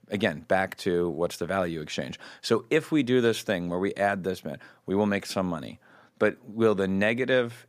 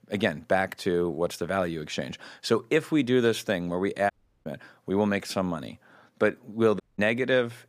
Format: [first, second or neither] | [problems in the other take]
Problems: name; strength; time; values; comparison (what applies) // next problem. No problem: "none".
first | audio cutting out; at 4 s and at 7 s